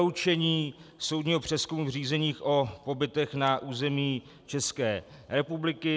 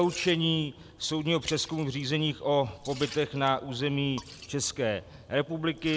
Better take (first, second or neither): first